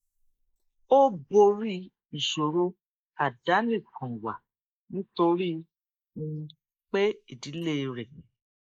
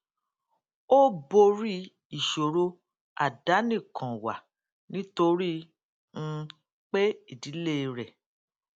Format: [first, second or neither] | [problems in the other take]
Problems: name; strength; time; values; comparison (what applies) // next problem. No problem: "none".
second | noise reduction (neural mask model Resemble Enhance denoiser)